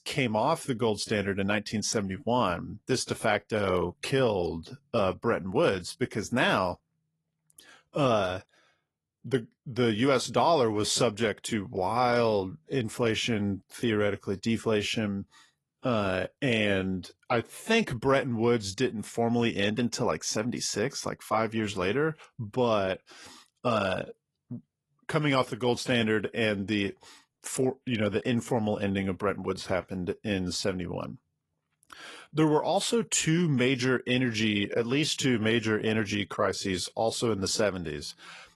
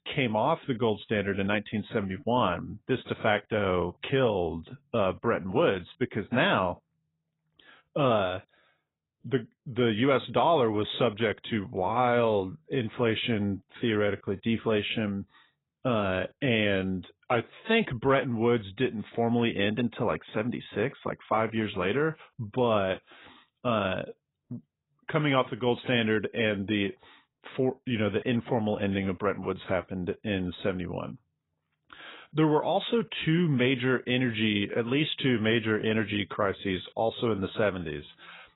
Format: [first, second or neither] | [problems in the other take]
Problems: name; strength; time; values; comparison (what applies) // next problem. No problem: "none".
first | garbled, watery; badly; nothing above 4 kHz; slightly in the first